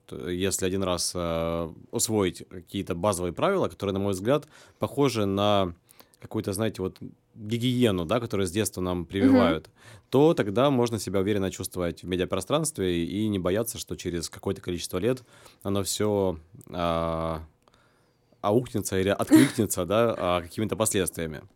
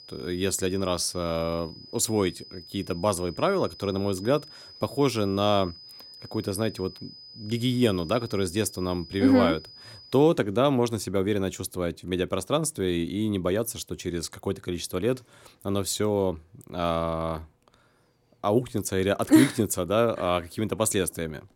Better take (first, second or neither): first